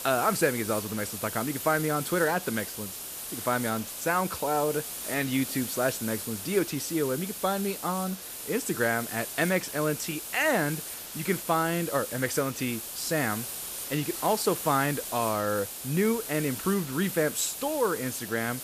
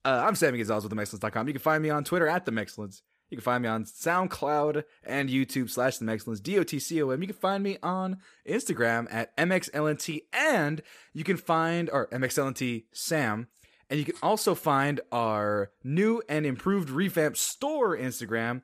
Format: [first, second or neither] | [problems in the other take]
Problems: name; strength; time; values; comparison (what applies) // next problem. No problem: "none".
second | hiss; loud; throughout; 6 dB below the speech